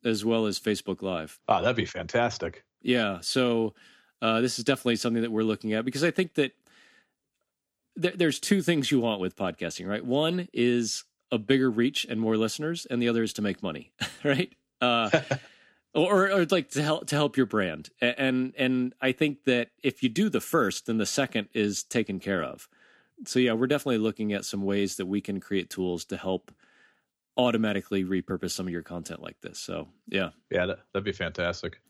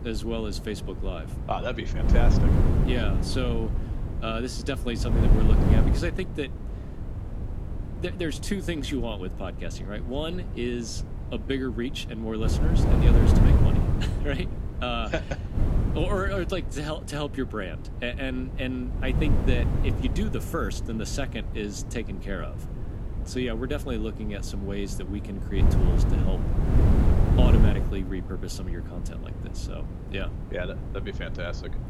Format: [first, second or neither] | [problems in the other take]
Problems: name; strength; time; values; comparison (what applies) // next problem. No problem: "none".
first | wind noise on the microphone; heavy; 4 dB below the speech